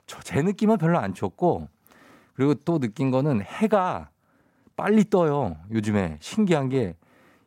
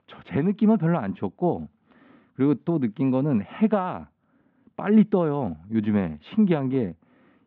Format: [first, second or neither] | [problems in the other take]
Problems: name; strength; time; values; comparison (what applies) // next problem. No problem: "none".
first | muffled; very; fading above 3.5 kHz